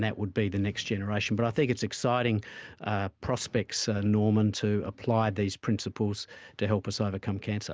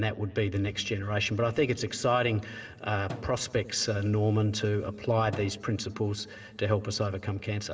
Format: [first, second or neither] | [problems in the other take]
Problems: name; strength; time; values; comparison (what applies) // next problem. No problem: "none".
first | background sound (Drum); 18 dB below the speech // room echo; dies away in 2.7 s